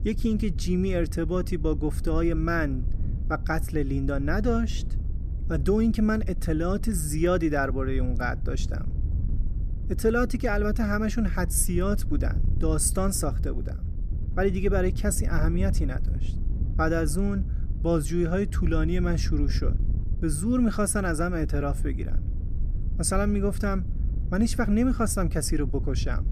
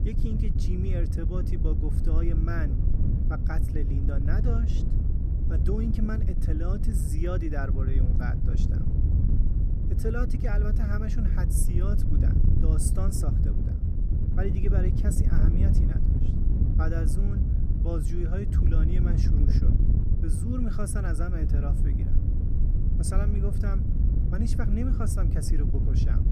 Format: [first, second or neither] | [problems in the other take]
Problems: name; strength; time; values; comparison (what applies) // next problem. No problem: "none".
first | wind noise on the microphone; heavy; 2 dB below the speech; occasional gusts in the first